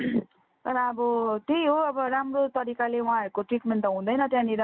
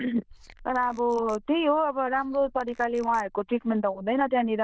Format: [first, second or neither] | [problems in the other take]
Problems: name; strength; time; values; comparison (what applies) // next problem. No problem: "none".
first | noise reduction (neural diffusion model UNIVERSE++)